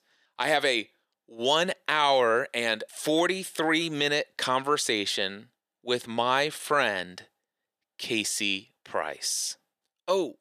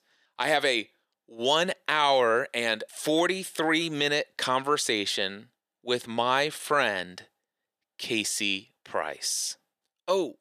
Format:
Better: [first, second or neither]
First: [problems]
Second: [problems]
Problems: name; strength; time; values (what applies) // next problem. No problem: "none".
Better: neither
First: thin; somewhat; fading below 400 Hz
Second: thin; somewhat; fading below 400 Hz